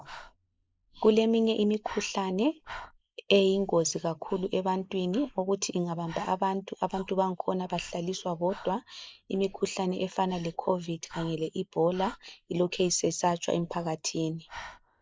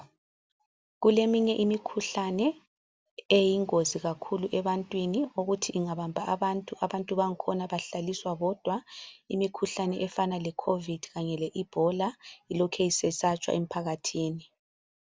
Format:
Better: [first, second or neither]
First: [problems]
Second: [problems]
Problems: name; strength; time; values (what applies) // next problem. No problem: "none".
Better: second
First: noise reduction (neural mask model Resemble Enhance denoiser)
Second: none